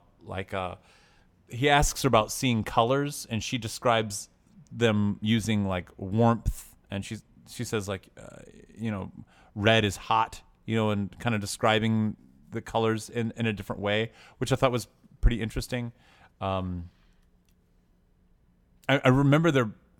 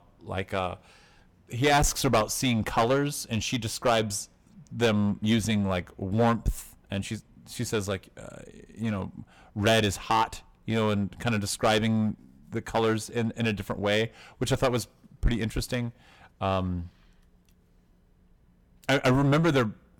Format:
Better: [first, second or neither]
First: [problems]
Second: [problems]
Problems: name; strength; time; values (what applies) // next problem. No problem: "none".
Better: first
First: none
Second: distortion; heavy; 6% of the sound clipped